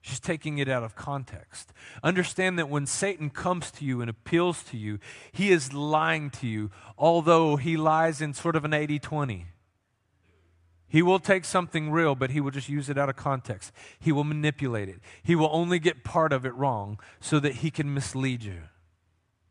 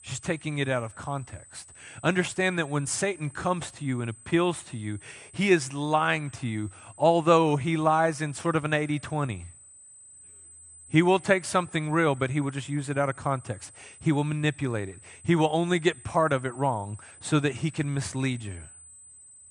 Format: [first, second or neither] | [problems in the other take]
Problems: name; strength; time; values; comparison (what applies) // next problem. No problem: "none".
first | high-pitched whine; faint; throughout; 8 kHz, 20 dB below the speech